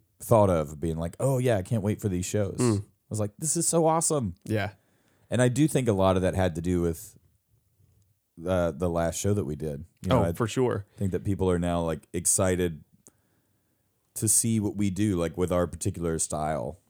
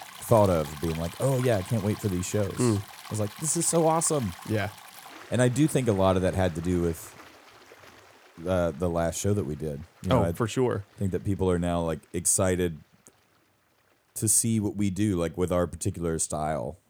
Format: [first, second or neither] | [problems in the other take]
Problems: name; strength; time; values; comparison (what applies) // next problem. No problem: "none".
first | rain or running water; noticeable; throughout; 15 dB below the speech